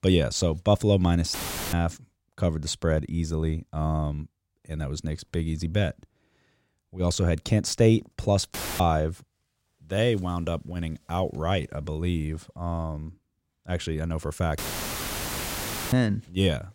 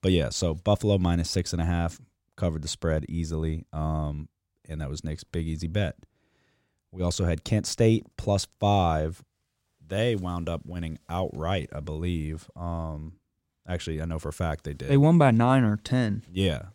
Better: second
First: audio cutting out; filled with static; at 1.5 s, at 8.5 s and at 15 s for 1.5 s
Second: none

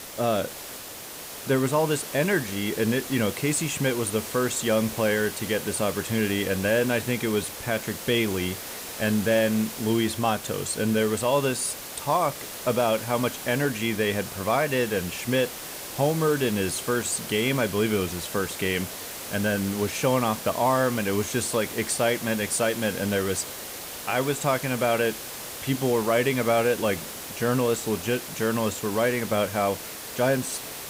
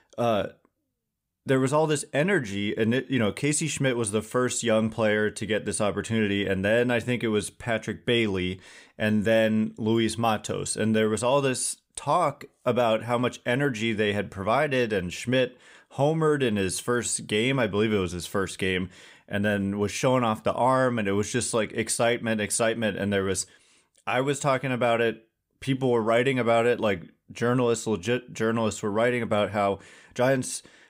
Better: second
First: hiss; loud; throughout; 9 dB below the speech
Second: none

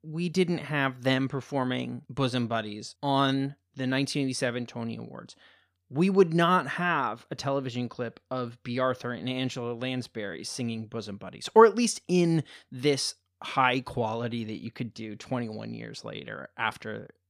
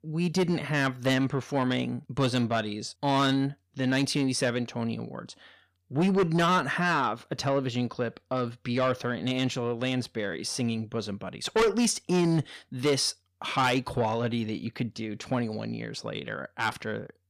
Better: first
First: none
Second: distortion; heavy; 7 dB below the speech

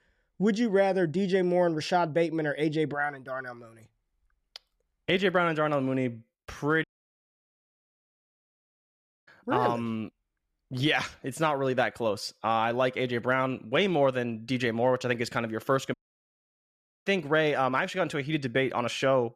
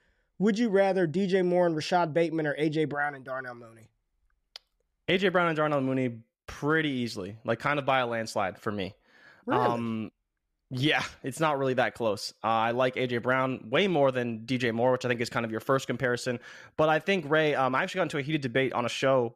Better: second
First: audio cutting out; at 7 s for 2.5 s and at 16 s for 1 s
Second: none

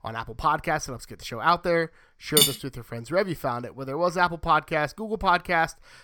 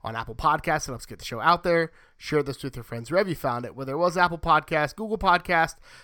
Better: second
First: clattering dishes; loud; at 2.5 s; peak 6 dB above the speech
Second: none

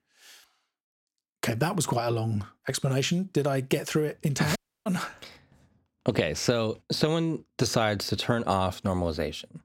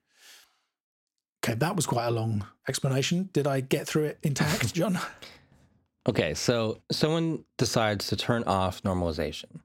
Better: second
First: audio cutting out; at 4.5 s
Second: none

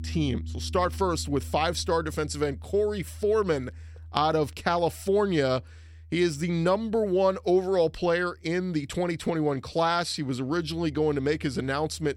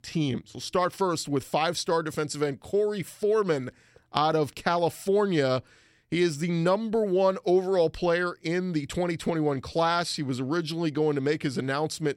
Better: second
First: background music; noticeable; throughout; 15 dB below the speech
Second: none

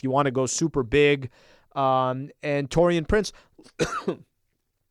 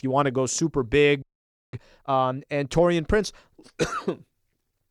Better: first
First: none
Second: audio freezing; at 1 s for 0.5 s

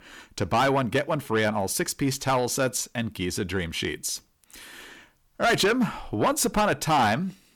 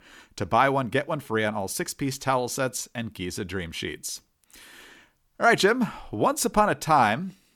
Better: second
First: distortion; heavy; 7 dB below the speech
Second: none

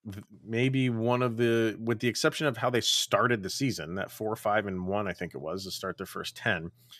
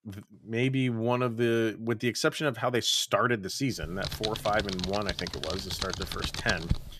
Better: first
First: none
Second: keyboard typing; noticeable; from 4 s on; peak 3 dB below the speech

